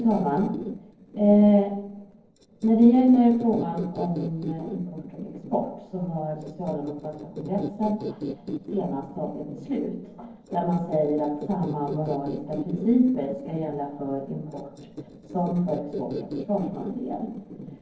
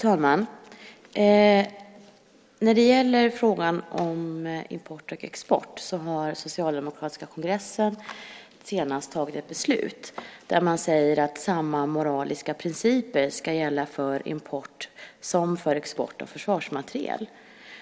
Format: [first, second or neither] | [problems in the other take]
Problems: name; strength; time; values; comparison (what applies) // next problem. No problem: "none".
second | noise reduction (neural separator model SepFormer DNS4)